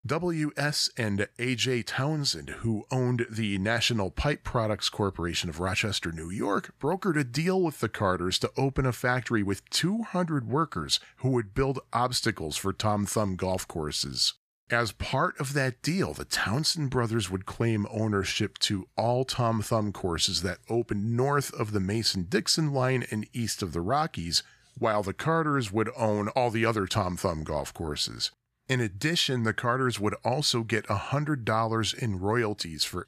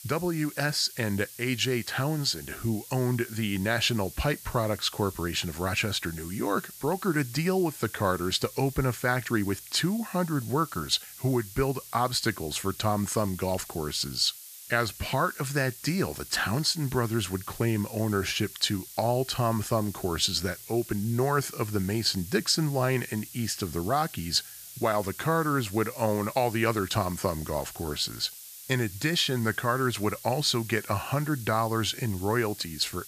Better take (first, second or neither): first